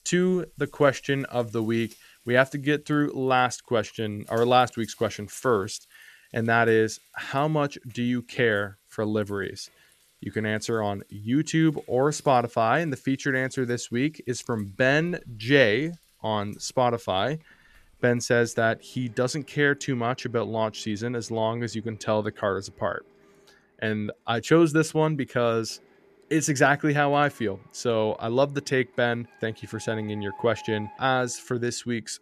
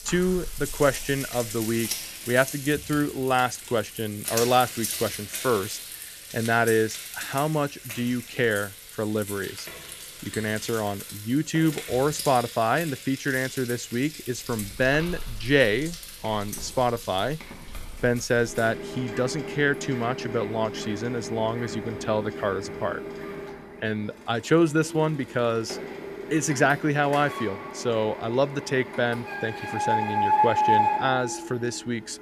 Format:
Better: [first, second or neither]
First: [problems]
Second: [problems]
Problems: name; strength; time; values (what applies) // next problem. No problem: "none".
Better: first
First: household noises; faint; throughout; 30 dB below the speech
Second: household noises; loud; throughout; 7 dB below the speech